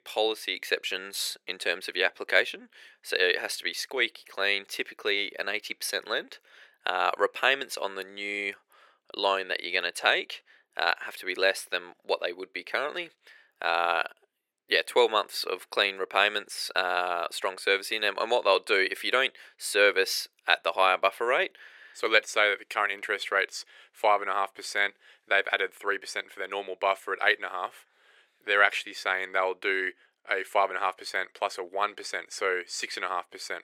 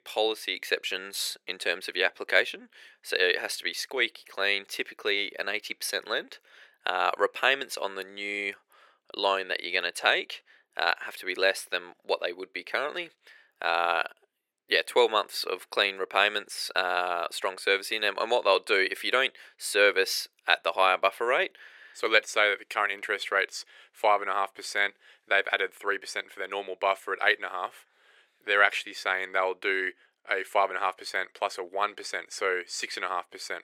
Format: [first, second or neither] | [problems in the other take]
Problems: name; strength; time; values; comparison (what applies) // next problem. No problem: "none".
neither | thin; very; fading below 400 Hz; the same in both